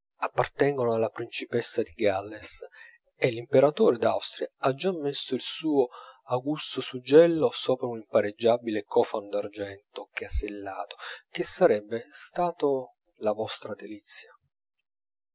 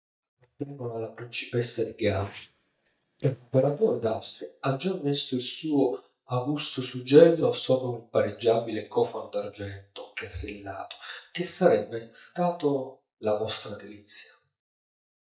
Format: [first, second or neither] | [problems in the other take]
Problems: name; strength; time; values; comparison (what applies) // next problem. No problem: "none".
first | noise reduction (neural mask model DeepFilterNet 3)